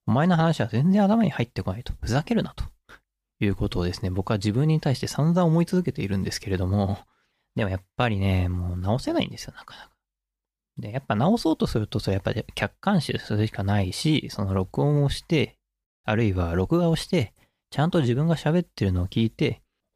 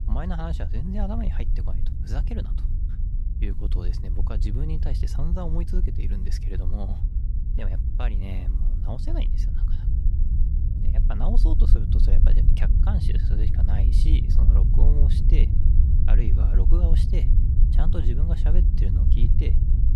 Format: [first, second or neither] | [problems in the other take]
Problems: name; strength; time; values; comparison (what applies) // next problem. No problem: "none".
first | low rumble; loud; throughout; 3 dB below the speech